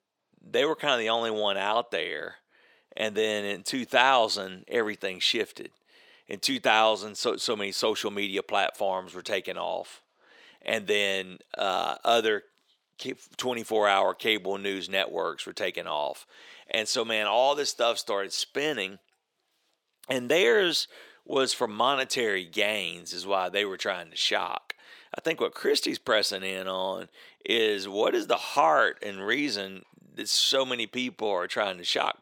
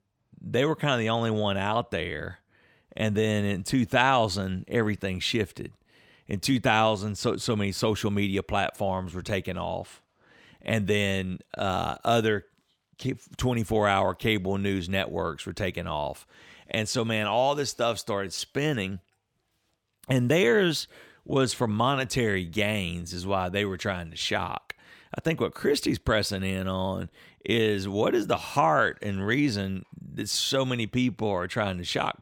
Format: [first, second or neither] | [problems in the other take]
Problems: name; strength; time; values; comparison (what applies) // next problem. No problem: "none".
second | thin; somewhat; fading below 450 Hz